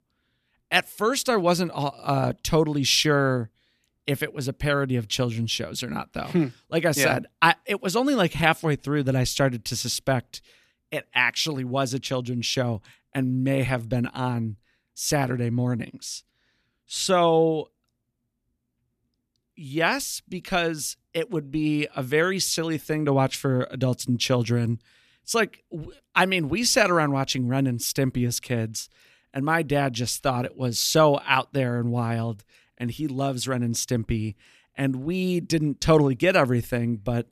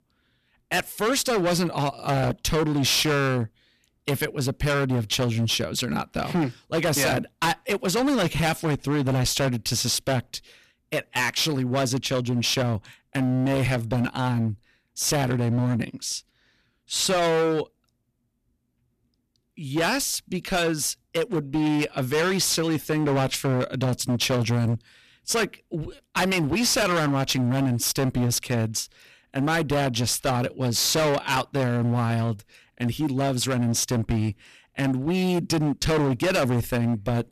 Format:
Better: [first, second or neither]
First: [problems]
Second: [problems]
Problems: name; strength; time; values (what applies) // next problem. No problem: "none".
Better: first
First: none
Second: distortion; heavy; 19% of the sound clipped